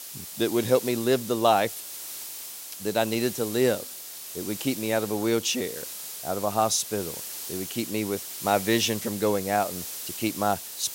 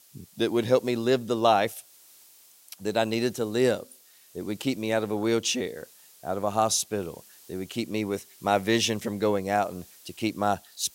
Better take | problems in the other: second | hiss; loud; throughout; 8 dB below the speech; faint in the second

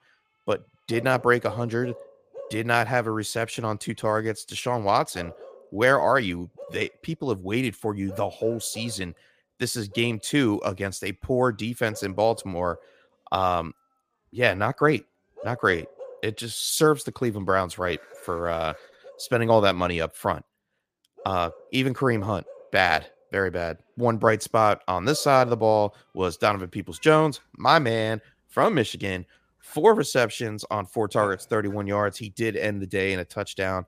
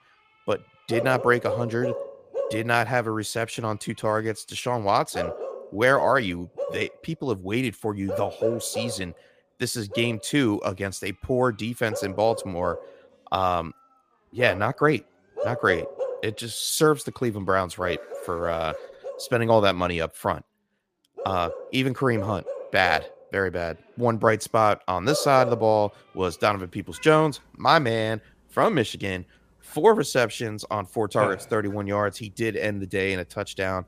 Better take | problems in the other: first | animal sounds; loud; throughout; 9 dB below the speech; faint in the first

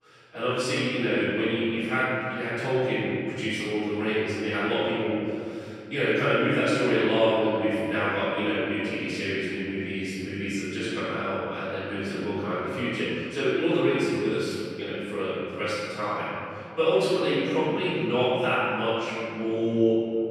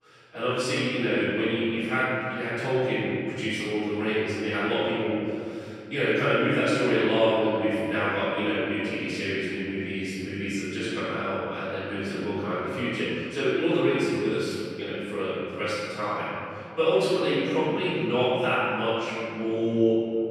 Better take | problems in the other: neither | off-mic speech; far; the same in both // room echo; strong; dies away in 2.4 s; the same in both

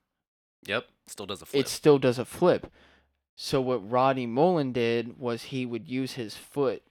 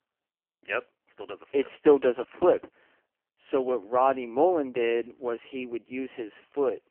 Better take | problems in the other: first | phone-call audio; poor line; nothing above 3 kHz

